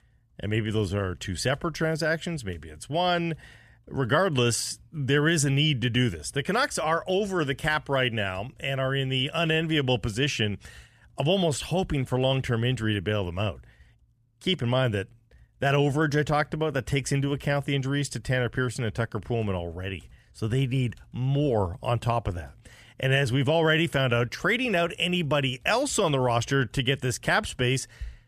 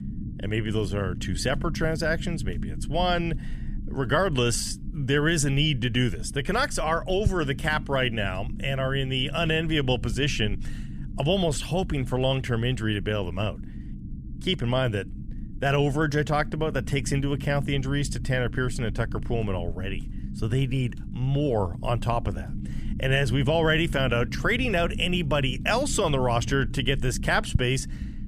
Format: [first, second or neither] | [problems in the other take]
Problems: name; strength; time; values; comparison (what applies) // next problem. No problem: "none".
first | low rumble; noticeable; throughout; 20 dB below the speech